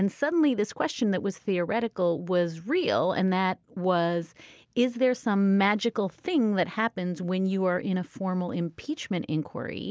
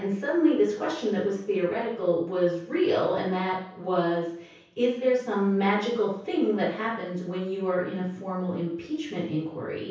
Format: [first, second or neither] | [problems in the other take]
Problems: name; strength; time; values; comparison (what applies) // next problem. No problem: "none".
first | room echo; dies away in 0.6 s